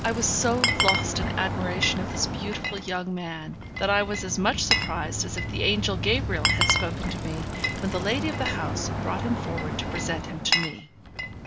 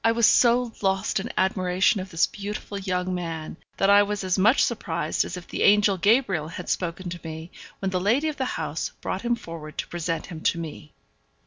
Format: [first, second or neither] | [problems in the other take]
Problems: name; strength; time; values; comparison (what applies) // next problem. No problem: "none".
second | background sound (Bicycle + Glass); 1 dB above the speech